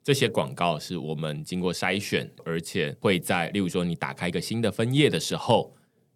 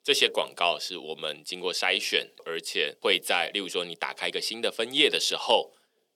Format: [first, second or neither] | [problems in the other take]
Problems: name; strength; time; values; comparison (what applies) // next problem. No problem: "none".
first | thin; somewhat; fading below 400 Hz